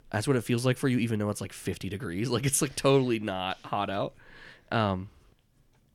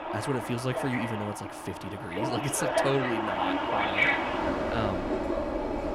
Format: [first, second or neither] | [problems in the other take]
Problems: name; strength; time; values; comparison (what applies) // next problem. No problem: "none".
first | train or aircraft noise; very loud; throughout; 4 dB above the speech